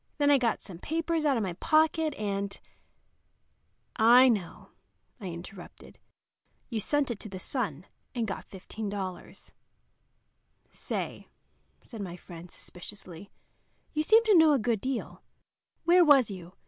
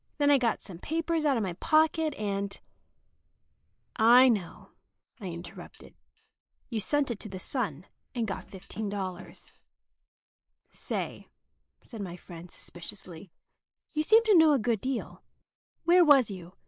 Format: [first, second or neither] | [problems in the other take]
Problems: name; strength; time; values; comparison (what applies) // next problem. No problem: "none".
first | noise reduction (neural mask model Resemble Enhance denoiser)